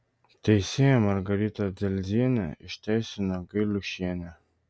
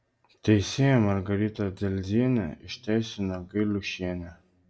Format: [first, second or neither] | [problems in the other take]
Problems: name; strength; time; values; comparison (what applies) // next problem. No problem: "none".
first | room echo; dies away in 0.3 s